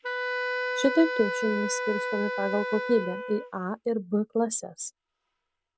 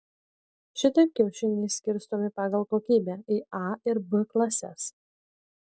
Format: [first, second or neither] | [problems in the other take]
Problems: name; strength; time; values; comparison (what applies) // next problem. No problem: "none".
second | background sound (Wind instrument, woodwind instrument); 4 dB below the speech